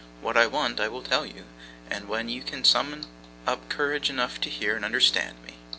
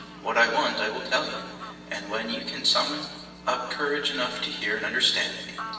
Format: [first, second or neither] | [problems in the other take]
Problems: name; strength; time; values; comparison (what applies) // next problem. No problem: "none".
first | background sound (Fowl); 16 dB below the speech // room echo; dies away in 1.3 s